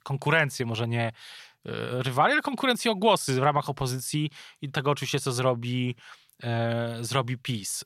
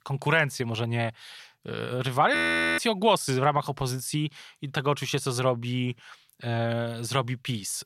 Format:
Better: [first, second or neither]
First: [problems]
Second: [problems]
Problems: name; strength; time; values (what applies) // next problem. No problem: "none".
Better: first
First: none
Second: audio freezing; at 2.5 s